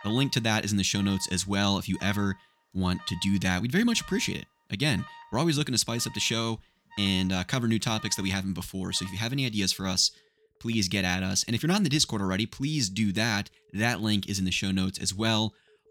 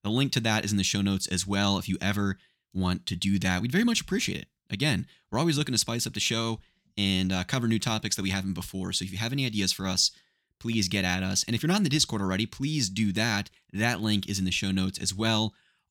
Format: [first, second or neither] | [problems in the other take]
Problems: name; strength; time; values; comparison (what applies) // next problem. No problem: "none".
second | alarms or sirens; faint; throughout; 20 dB below the speech